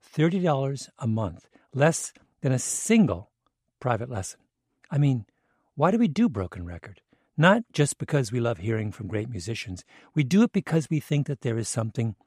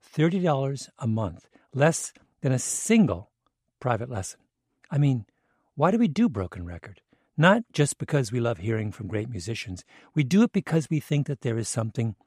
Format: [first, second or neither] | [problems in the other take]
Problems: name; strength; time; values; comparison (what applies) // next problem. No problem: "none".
neither | none